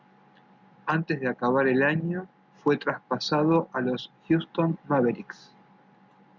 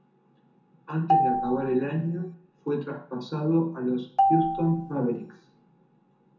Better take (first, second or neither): first